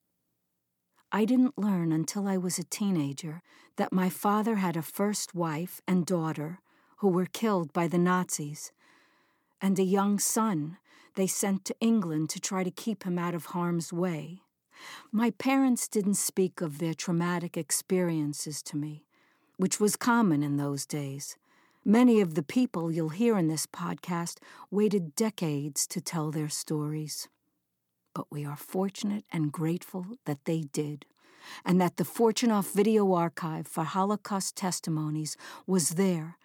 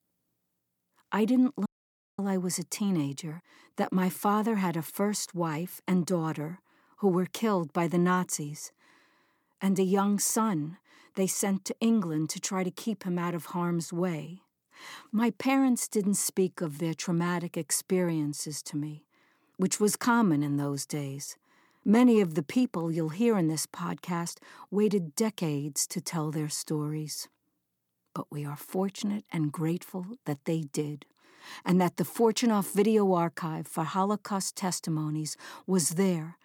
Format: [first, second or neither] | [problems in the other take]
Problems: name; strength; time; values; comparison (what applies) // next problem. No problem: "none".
first | audio cutting out; at 1.5 s for 0.5 s